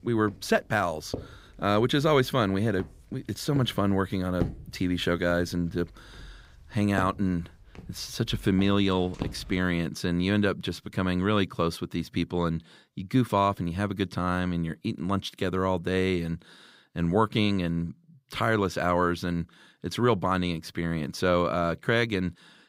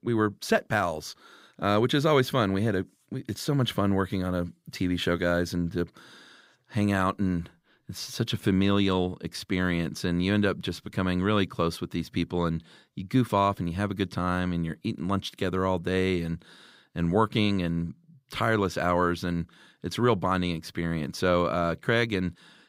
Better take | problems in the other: second | footsteps; noticeable; until 9.5 s; peak 8 dB below the speech

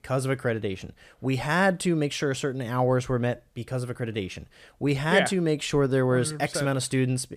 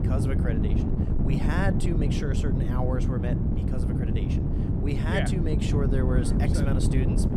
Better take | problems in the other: first | wind noise on the microphone; heavy; 1 dB below the speech

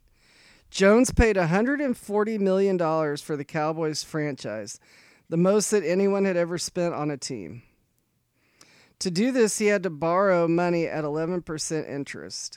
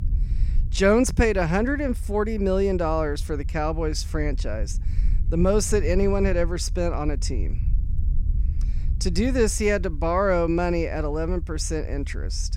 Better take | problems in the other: first | low rumble; faint; throughout; 25 dB below the speech

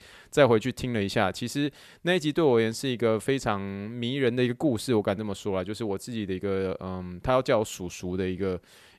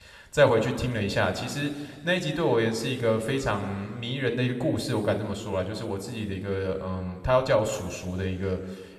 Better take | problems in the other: first | room echo; slight; dies away in 1.6 s

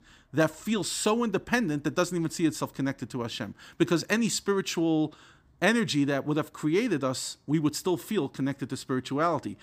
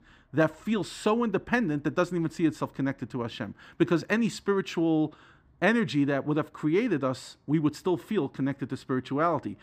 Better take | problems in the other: first | muffled; slightly; fading above 4 kHz

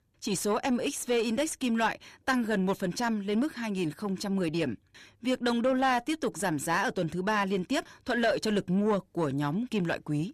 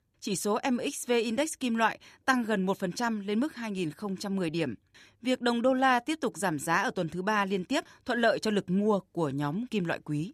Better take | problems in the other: second | distortion; slight; 10 dB below the speech

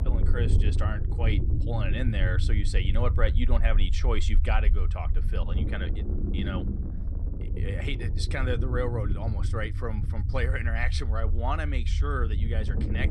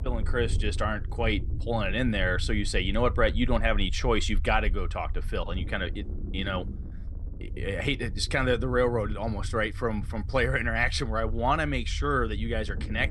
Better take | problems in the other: second | low rumble; loud; throughout; 9 dB below the speech; faint in the second

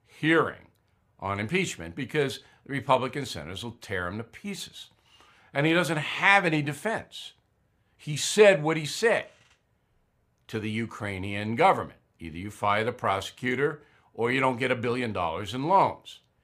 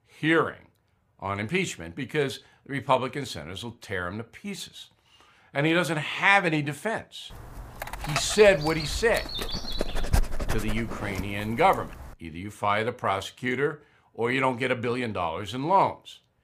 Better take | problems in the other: first | dog barking; noticeable; from 8 to 11 s; peak 2 dB below the speech

